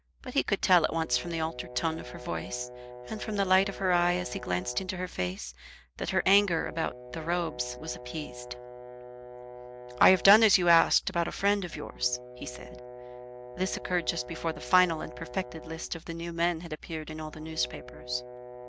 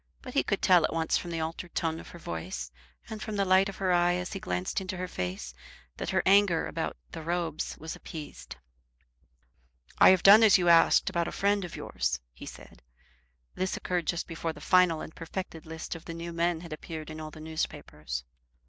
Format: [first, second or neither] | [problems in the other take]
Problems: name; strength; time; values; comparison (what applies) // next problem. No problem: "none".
second | background sound (Brass instrument); 15 dB below the speech